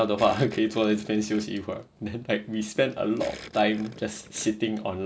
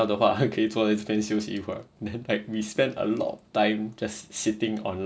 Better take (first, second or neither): second